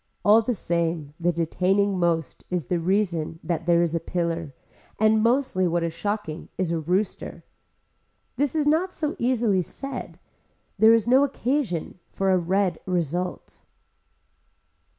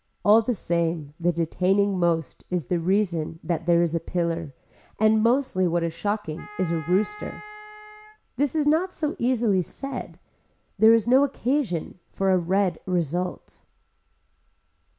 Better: first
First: none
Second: background sound (Wind instrument, woodwind instrument); 17 dB below the speech

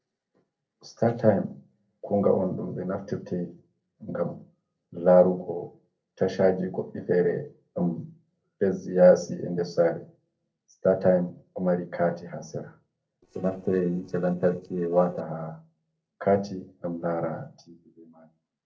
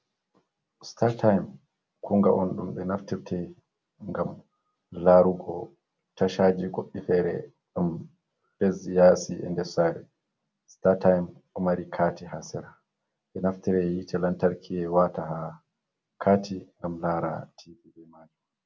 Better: second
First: noise reduction (neural separator model SepFormer DNS4)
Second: none

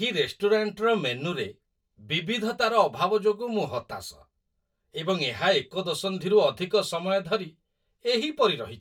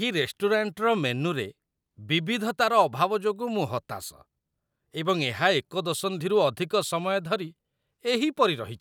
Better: second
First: room echo; dies away in 0.1 s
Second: none

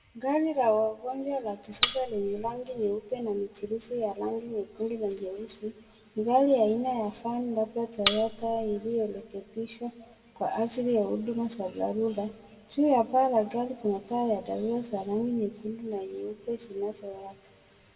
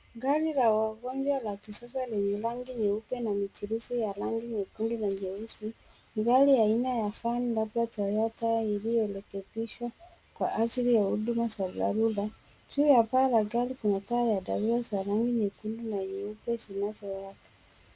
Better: second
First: background sound (Cutlery, silverware); 2 dB below the speech // room echo; dies away in 0.9 s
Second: none

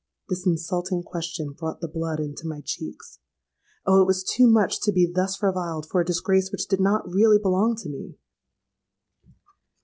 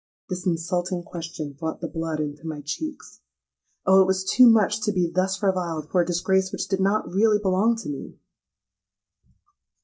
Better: first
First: none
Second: noise reduction (neural mask model DeepFilterNet 3)

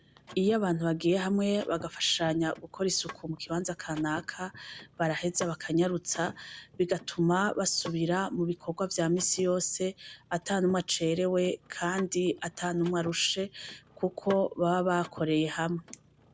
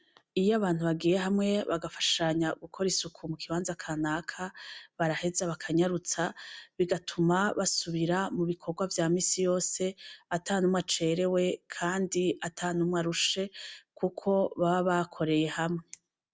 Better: second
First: background sound (Mechanisms / Car); 20 dB below the speech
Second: none

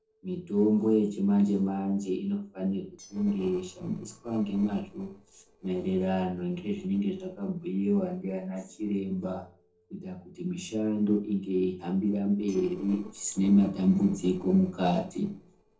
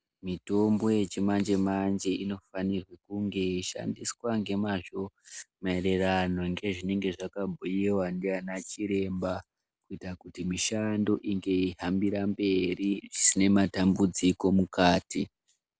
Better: second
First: noise reduction (neural separator model SepFormer DNS4)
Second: none

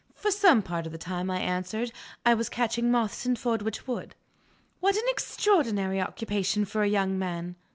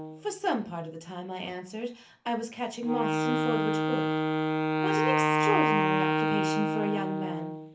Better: first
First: none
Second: background sound (Wind instrument, woodwind instrument); 5 dB above the speech // room echo; dies away in 0.3 s

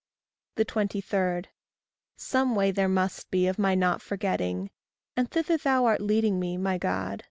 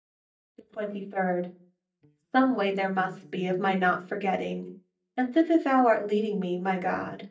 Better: first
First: none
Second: noise reduction (neural mask model DeepFilterNet 3)

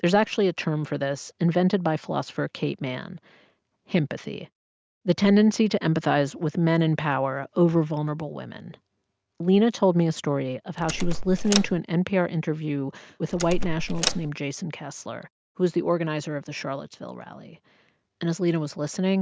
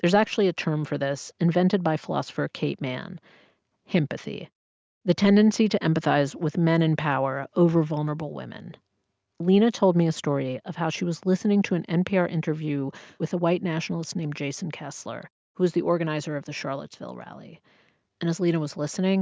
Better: second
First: background sound (Door); 1 dB below the speech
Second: none

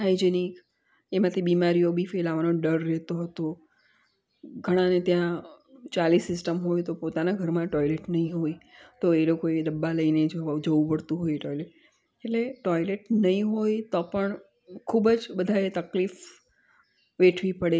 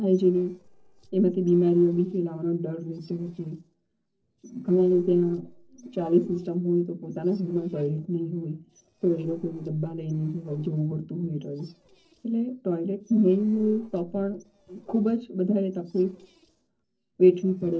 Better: first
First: none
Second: noise reduction (neural separator model SepFormer DNS4)

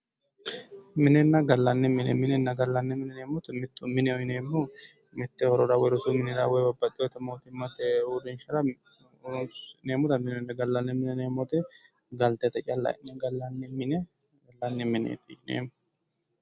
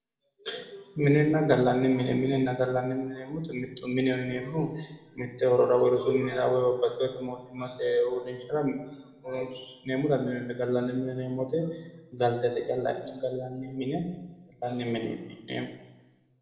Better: first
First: none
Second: room echo; dies away in 0.9 s

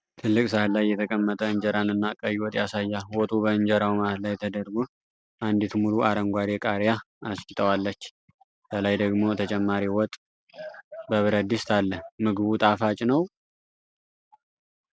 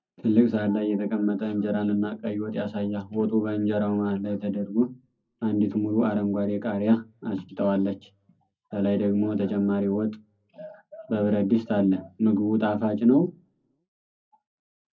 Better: first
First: none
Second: room echo; dies away in 0.4 s

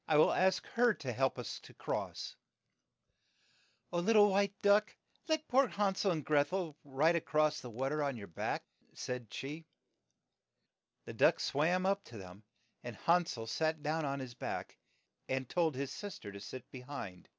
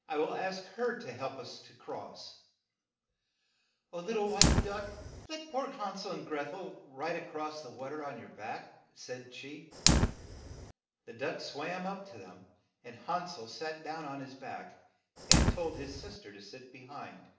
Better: first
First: none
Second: background sound (Fire); 3 dB above the speech // room echo; dies away in 0.6 s

